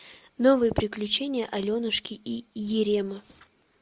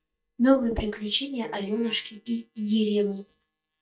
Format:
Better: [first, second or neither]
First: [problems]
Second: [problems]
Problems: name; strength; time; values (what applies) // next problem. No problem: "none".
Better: first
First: none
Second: noise reduction (neural mask model DeepFilterNet 3)